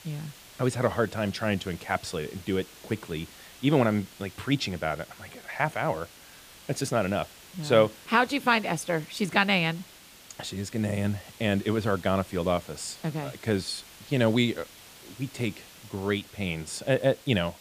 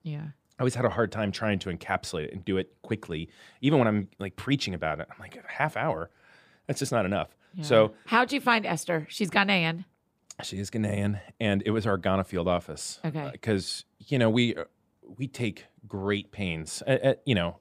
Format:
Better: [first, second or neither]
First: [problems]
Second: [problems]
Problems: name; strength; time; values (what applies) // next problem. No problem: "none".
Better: second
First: hiss; noticeable; throughout; 20 dB below the speech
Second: none